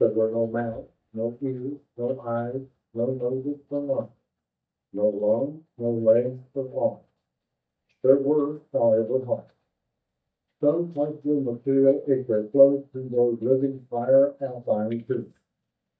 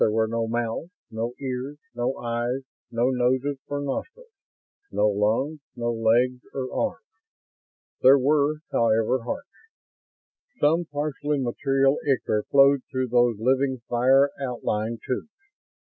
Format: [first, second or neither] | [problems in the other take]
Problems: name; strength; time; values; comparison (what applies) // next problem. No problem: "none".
second | noise reduction (neural mask model DeepFilterNet 3)